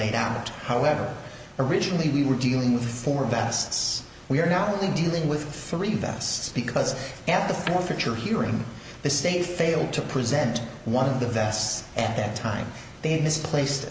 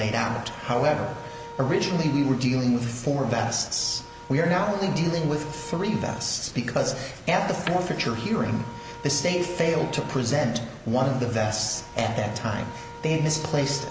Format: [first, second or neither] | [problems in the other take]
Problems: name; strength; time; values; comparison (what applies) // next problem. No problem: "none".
first | background sound (Wind instrument, woodwind instrument); 17 dB below the speech